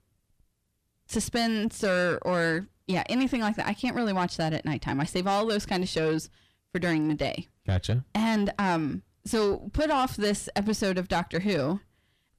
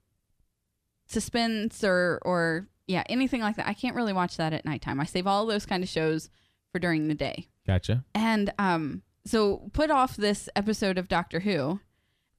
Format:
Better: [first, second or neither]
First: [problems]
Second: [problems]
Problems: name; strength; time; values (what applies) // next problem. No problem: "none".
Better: second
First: distortion; slight; 10 dB below the speech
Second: none